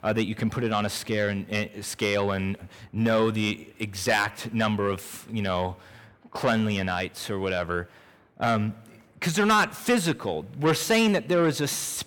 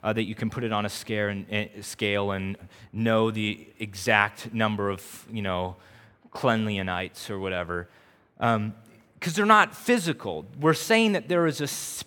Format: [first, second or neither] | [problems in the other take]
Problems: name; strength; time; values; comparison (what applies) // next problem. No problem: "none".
second | distortion; heavy; 8 dB below the speech